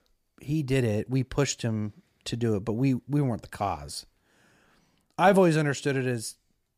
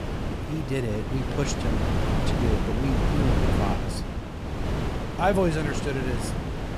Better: first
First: none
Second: wind noise on the microphone; heavy; 2 dB below the speech

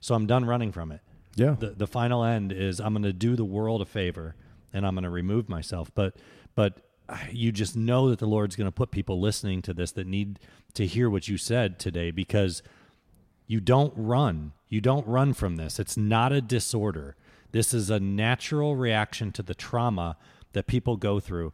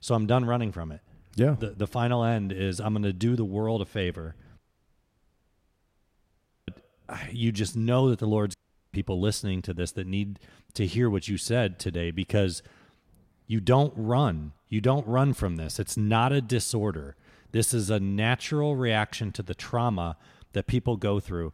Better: first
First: none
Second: audio cutting out; at 4.5 s for 2 s and at 8.5 s

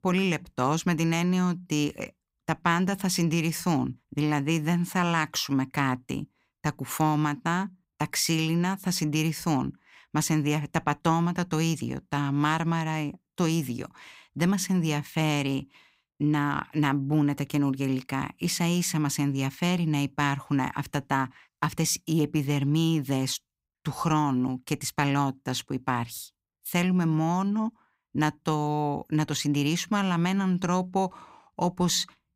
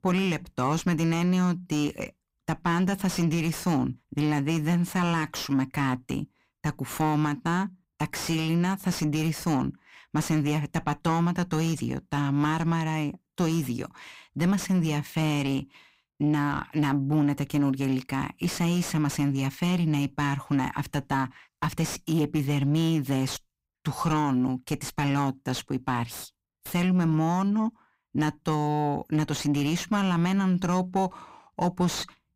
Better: first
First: none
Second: distortion; slight; 10 dB below the speech

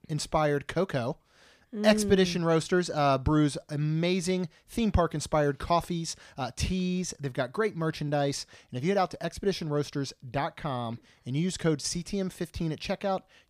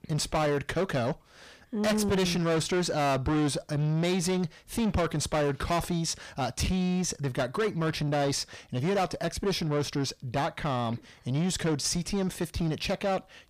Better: first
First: none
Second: distortion; heavy; 7 dB below the speech

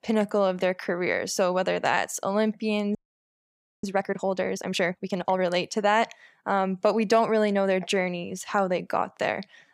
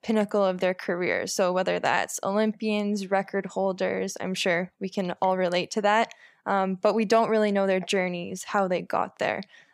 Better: second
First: audio freezing; at 3 s for 1 s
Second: none

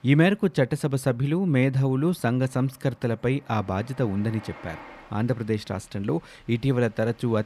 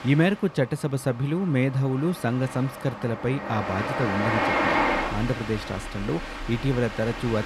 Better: first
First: train or aircraft noise; faint; throughout; 25 dB below the speech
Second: train or aircraft noise; loud; throughout; 2 dB below the speech

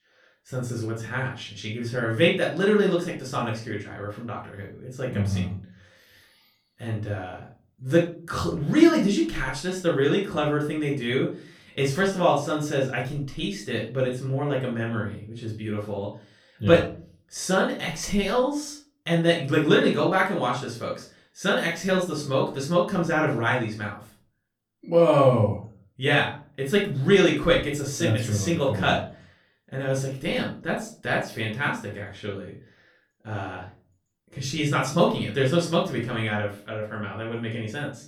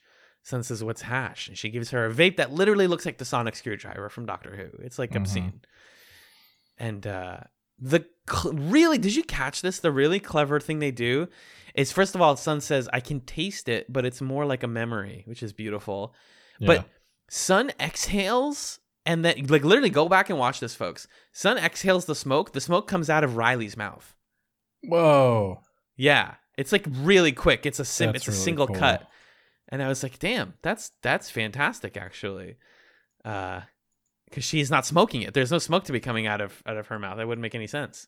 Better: second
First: off-mic speech; far // room echo; slight; dies away in 0.3 s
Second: none

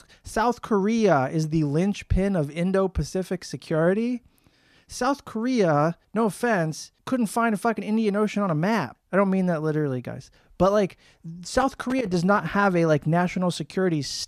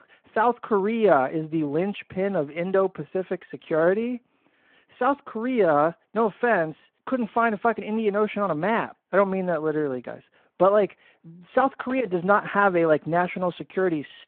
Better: first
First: none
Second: phone-call audio

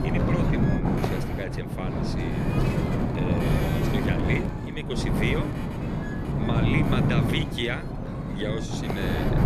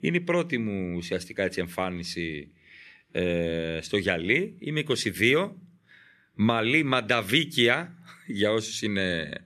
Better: second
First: wind noise on the microphone; heavy; 1 dB above the speech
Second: none

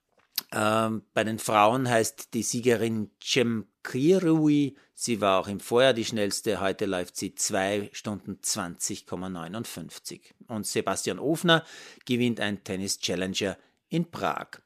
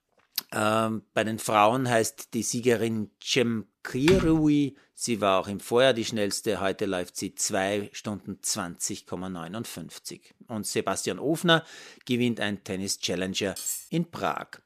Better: first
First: none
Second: keyboard typing; noticeable; at 4 s; peak 2 dB below the speech // clattering dishes; noticeable; at 14 s; peak 5 dB below the speech

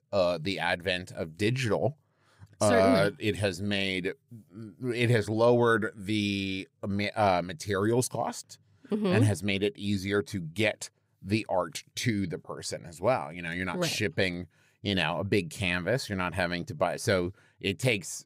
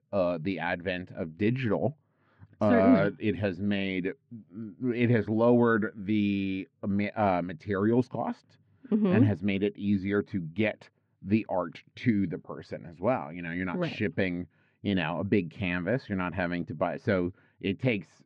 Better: first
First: none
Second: muffled; very; fading above 2.5 kHz

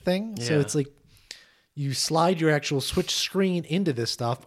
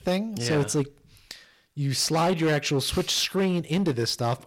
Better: first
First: none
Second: distortion; slight; 9% of the sound clipped

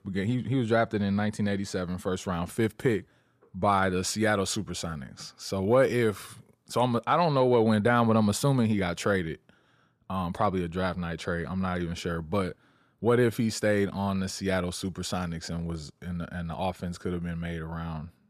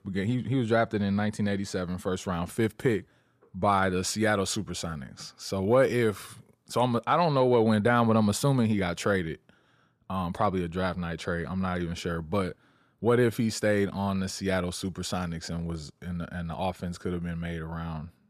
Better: neither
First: none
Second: none

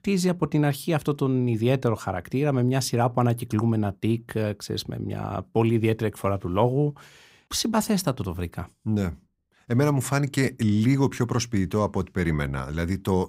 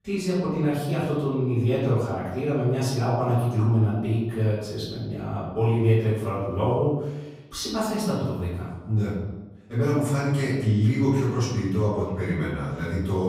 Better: first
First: none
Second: off-mic speech; far // room echo; noticeable; dies away in 1 s

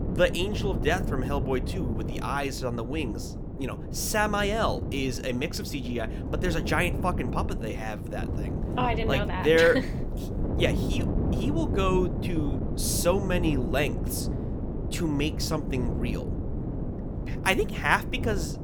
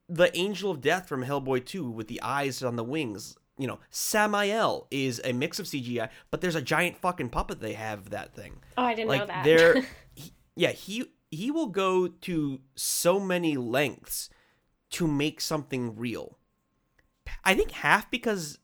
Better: second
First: wind noise on the microphone; occasional gusts; 10 dB below the speech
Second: none

